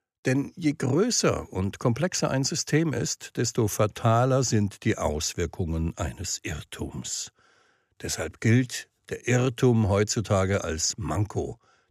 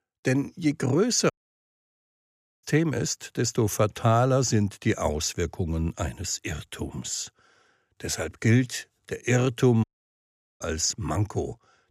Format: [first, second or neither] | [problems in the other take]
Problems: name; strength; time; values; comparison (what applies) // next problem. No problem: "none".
first | audio cutting out; at 1.5 s for 1.5 s and at 10 s for 1 s